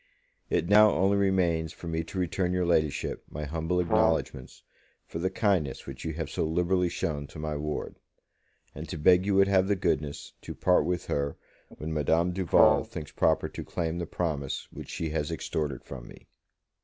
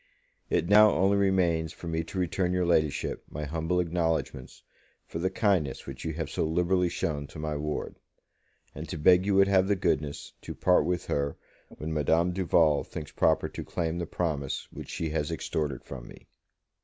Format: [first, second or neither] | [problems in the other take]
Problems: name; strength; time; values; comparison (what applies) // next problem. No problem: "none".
second | background sound (Brass instrument); 1 dB below the speech